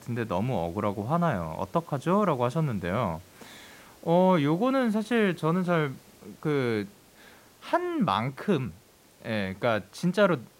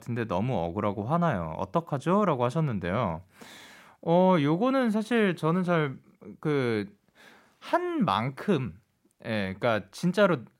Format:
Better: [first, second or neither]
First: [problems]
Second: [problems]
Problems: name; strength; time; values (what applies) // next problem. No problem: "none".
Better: second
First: hiss; faint; throughout; 25 dB below the speech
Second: none